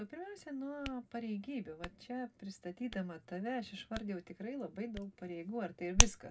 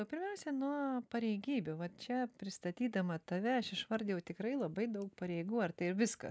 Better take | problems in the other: second | background sound (Hands); 3 dB above the speech // room echo; dies away in 0.2 s

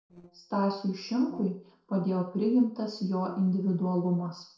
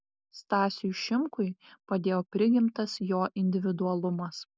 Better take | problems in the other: second | noise reduction (neural separator model SepFormer DNS4)

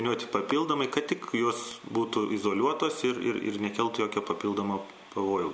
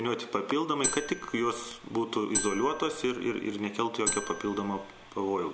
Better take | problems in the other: first | background sound (Marimba, xylophone); 4 dB below the speech

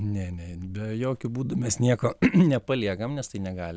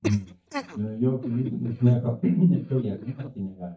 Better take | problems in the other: first | noise reduction (neural mask model DeepFilterNet 3)

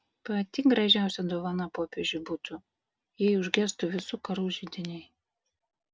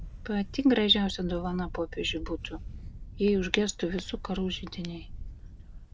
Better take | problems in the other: first | background sound (Camera); 11 dB below the speech

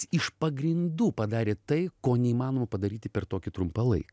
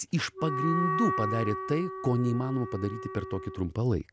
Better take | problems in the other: first | background sound (Wind instrument, woodwind instrument); 5 dB below the speech

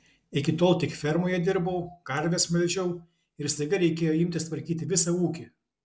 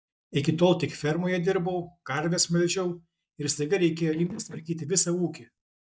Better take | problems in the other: first | noise reduction (neural mask model DeepFilterNet 3)

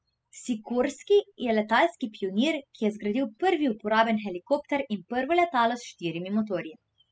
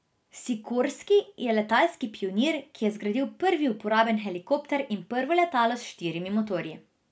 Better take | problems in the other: second | noise reduction (classical method spectral subtraction)

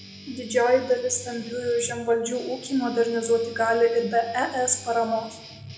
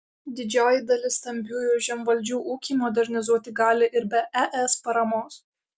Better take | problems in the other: second | background sound (Guitar); 19 dB below the speech // room echo; dies away in 0.8 s

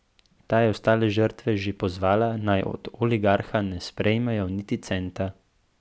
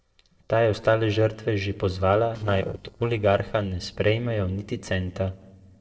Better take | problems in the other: first | noise reduction (neural separator model SepFormer DNS4)

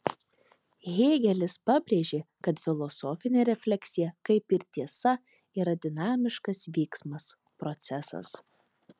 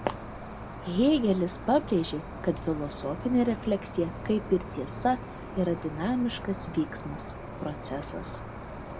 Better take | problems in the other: first | background sound (Cricket); 10 dB below the speech // room echo; dies away in 0.7 s

